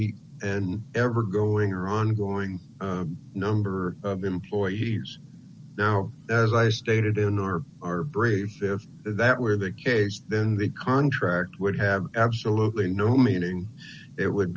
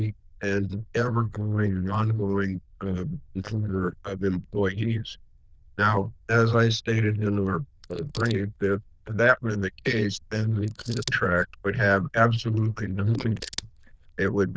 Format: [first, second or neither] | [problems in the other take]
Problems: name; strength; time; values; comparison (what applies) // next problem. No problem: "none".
first | noise reduction (neural diffusion model UNIVERSE++)